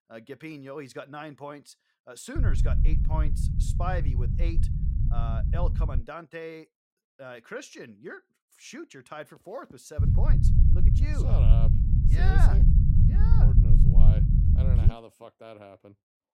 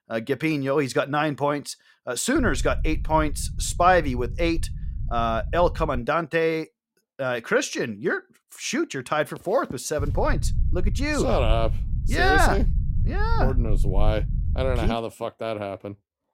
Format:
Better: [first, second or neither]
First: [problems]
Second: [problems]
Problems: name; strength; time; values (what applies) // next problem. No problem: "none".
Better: second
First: low rumble; loud; from 2.5 to 6 s and from 10 to 15 s; as loud as the speech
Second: low rumble; faint; from 2.5 to 6 s and from 10 to 15 s; 20 dB below the speech